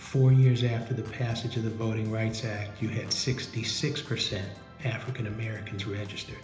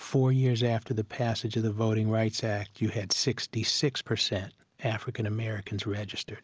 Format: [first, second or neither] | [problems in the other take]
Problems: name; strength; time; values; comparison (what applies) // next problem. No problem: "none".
second | background sound (Organ); 19 dB below the speech // room echo; dies away in 1 s